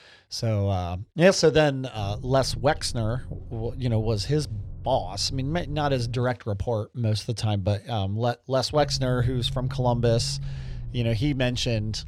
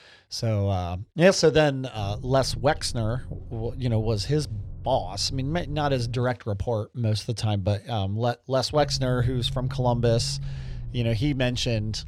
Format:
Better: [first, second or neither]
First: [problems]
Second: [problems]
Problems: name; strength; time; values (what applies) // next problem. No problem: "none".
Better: neither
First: low rumble; faint; from 2 to 6.5 s and from 9 s on; 25 dB below the speech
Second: low rumble; faint; from 2 to 6.5 s and from 9 s on; 25 dB below the speech